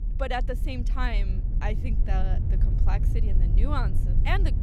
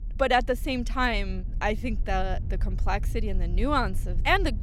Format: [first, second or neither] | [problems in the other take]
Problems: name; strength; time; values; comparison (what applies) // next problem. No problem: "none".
second | low rumble; loud; throughout; 10 dB below the speech; faint in the second